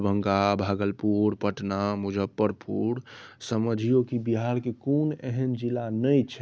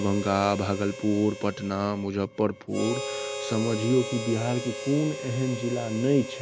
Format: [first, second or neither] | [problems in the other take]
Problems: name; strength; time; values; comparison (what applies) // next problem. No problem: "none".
first | background sound (Harmonica); 9 dB below the speech